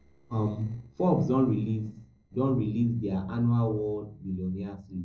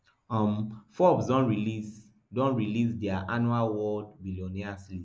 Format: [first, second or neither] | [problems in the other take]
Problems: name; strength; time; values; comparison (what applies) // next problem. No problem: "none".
second | noise reduction (neural separator model SepFormer DNS4)